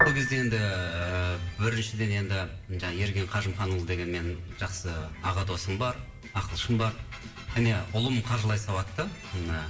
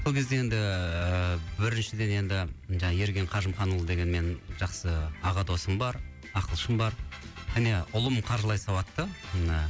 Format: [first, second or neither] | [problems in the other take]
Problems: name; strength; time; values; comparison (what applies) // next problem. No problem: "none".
second | background sound (Piano); 9 dB below the speech // room echo; dies away in 0.7 s